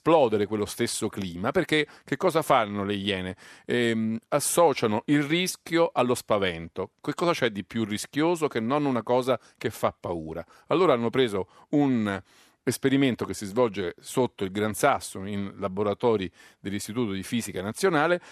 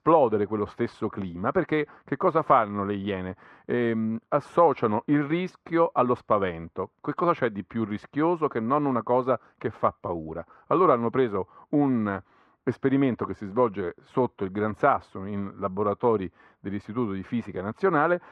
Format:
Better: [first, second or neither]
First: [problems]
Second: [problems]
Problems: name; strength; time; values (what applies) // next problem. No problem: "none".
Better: first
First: none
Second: muffled; very; fading above 1.5 kHz